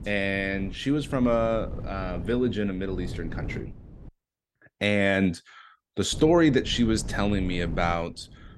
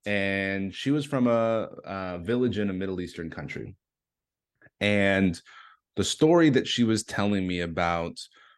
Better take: second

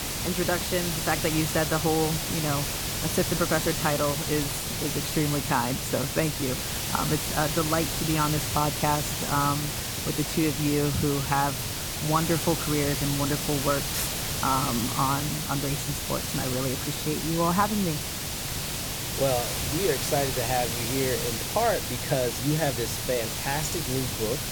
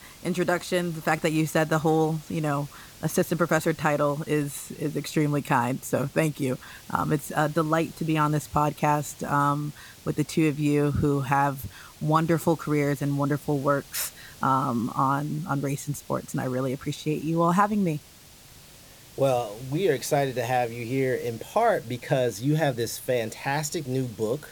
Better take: second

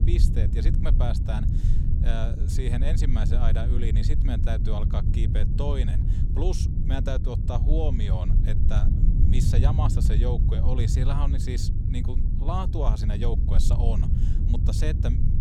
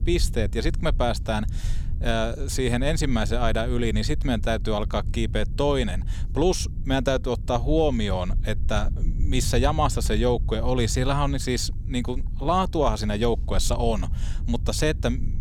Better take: second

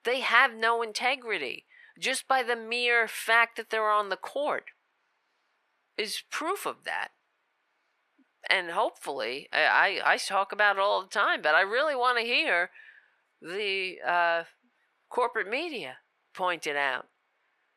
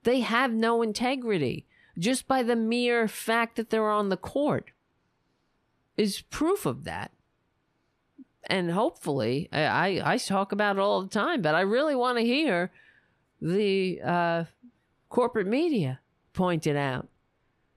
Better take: second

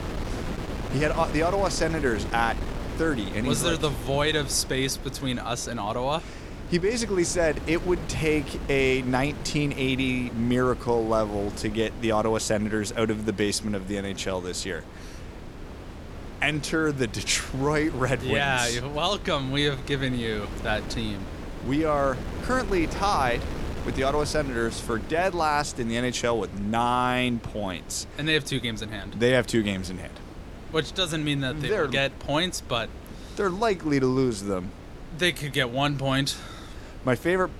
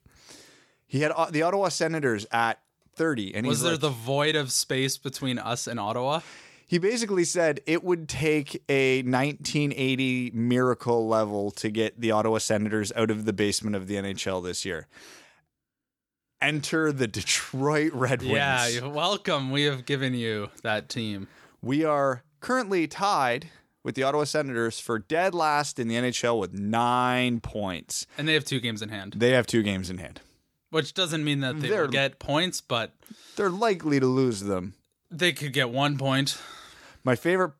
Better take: second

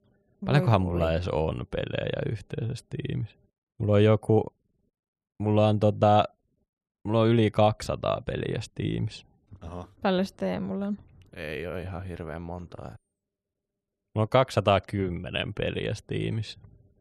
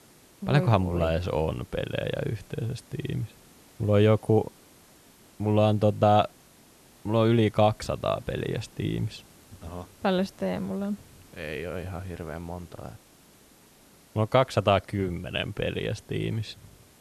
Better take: first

